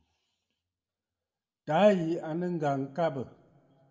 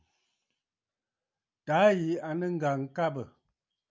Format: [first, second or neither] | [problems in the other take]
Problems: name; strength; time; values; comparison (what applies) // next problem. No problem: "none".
second | room echo; dies away in 0.7 s